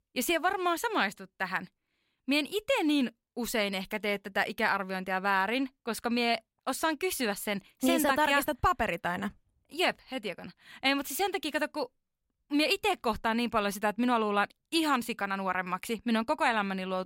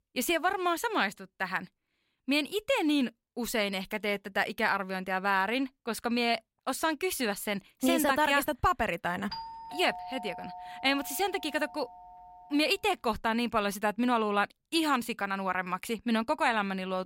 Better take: first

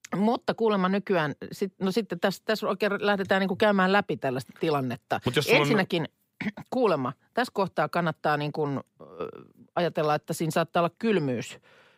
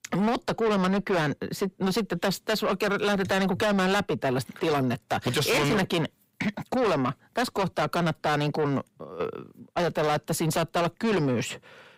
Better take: first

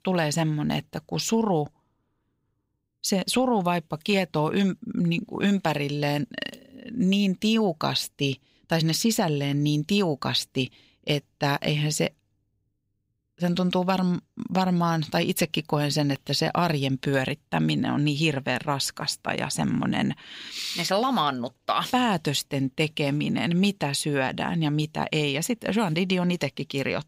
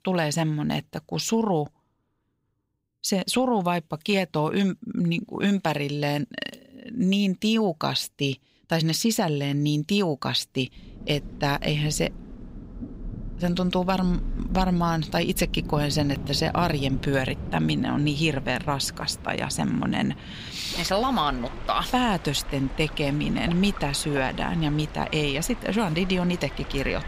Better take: first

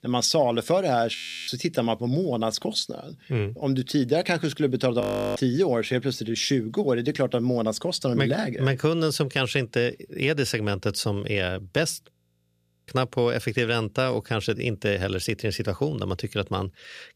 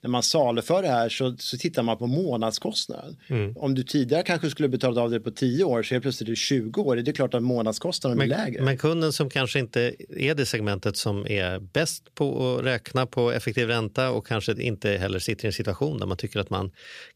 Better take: second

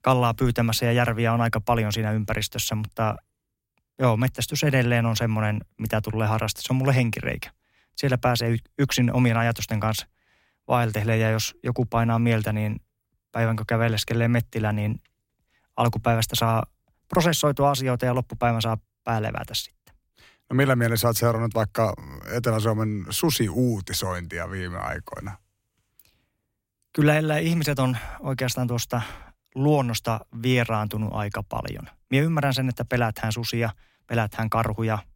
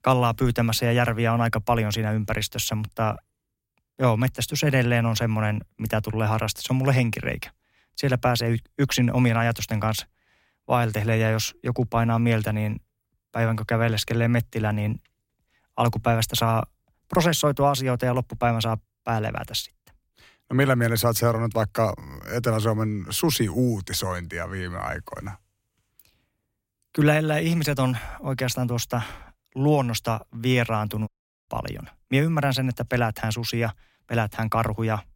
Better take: first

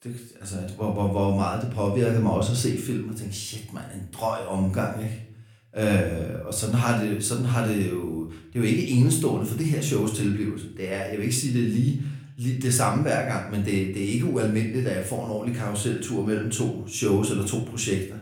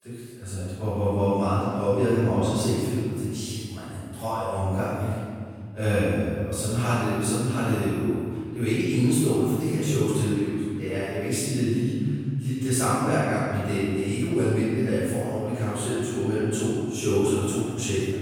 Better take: first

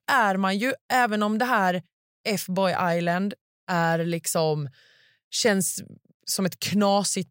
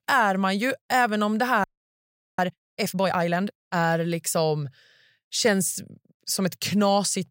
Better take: first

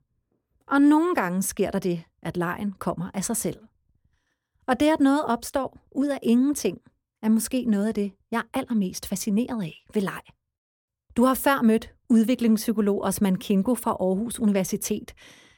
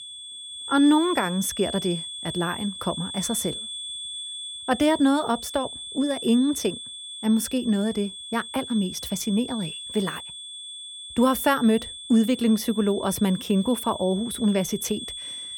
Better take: first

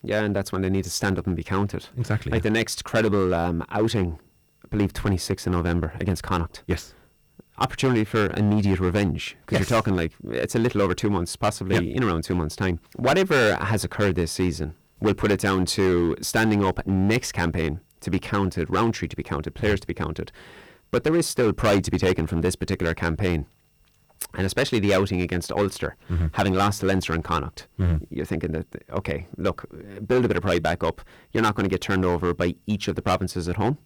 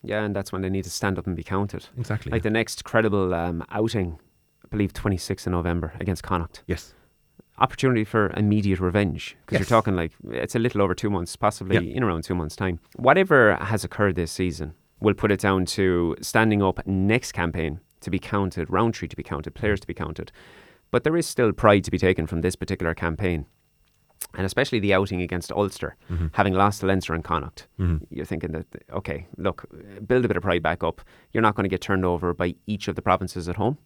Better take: second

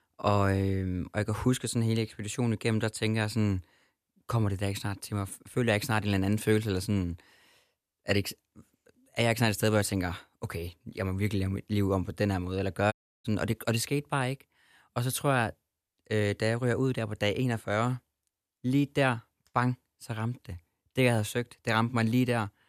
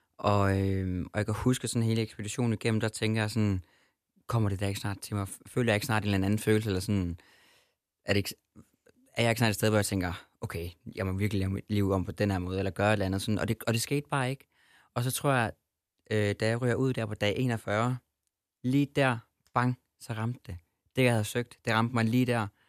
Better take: second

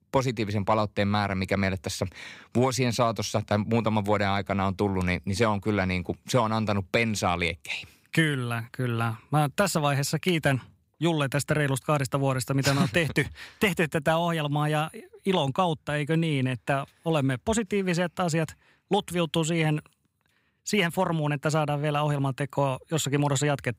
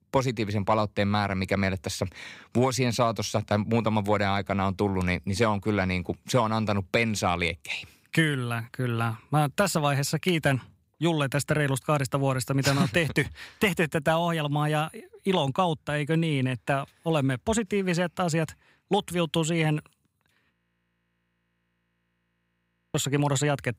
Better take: first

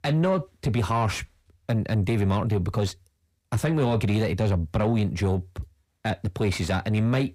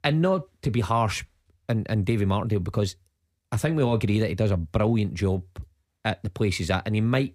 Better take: second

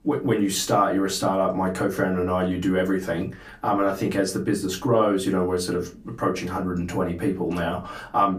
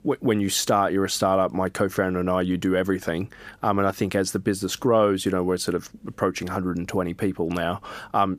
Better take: second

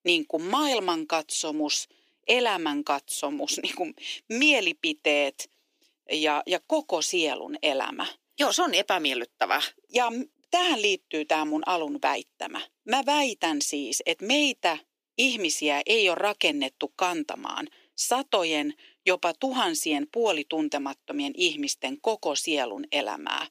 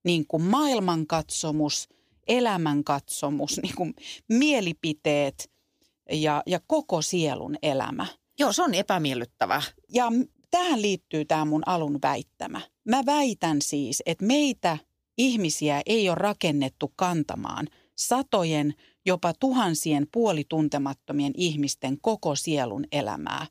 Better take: second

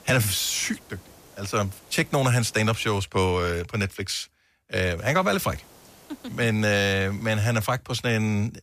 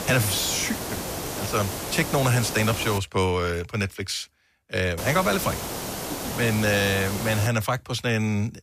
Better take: first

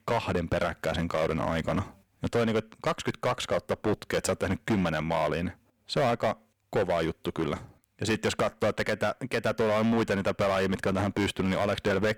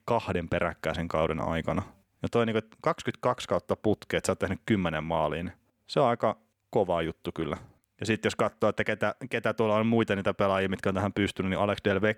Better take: second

